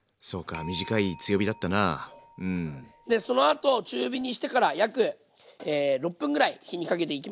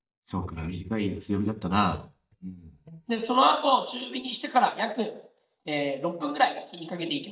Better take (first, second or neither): first